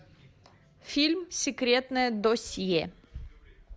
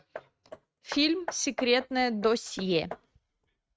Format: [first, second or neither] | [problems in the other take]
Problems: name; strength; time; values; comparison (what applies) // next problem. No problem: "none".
first | noise reduction (neural mask model RNNoise)